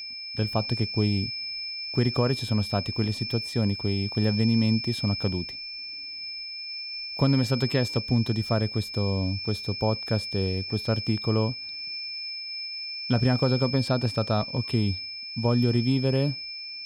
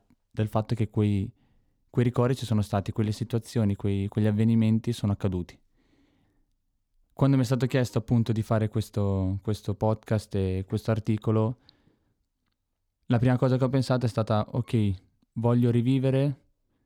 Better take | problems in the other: second | high-pitched whine; loud; throughout; 5.5 kHz, 6 dB below the speech

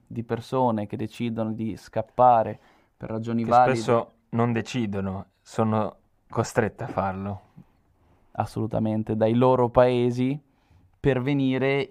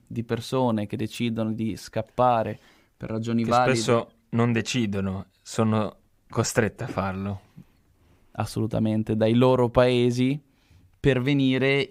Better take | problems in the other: second | muffled; slightly; fading above 2.5 kHz

